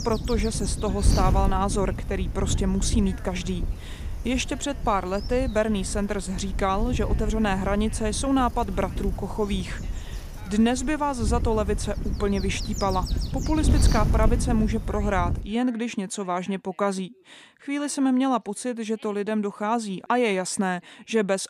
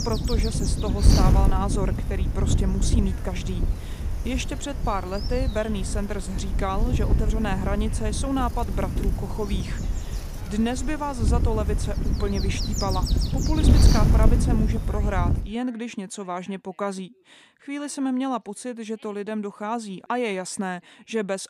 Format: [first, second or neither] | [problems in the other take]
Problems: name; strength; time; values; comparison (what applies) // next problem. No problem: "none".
first | wind noise on the microphone; heavy; until 15 s; 5 dB below the speech; occasional gusts in the first